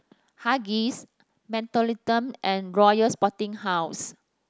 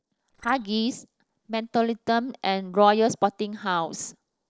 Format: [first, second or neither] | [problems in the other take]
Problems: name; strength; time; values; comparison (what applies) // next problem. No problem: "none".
first | noise reduction (neural separator model SepFormer DNS4)